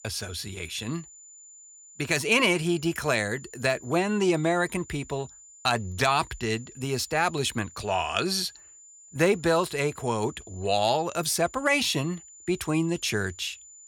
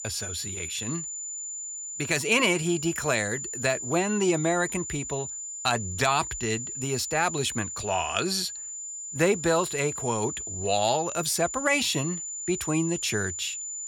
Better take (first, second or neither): first